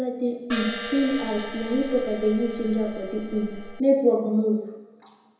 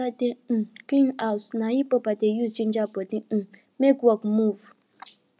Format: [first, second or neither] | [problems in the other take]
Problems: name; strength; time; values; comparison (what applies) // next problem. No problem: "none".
second | background sound (Crash cymbal); 10 dB below the speech // room echo; dies away in 1 s